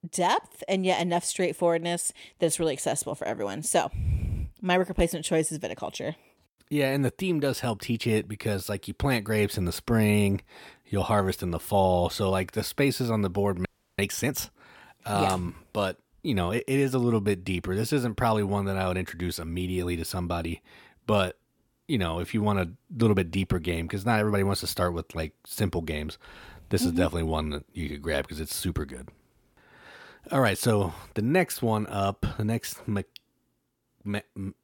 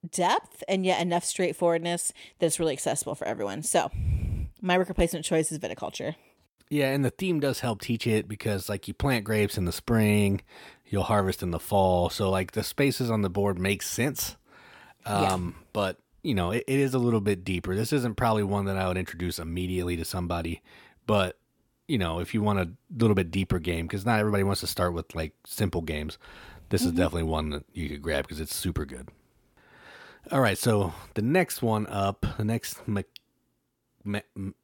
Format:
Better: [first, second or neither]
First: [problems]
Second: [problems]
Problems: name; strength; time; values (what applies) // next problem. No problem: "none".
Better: second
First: audio freezing; at 14 s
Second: none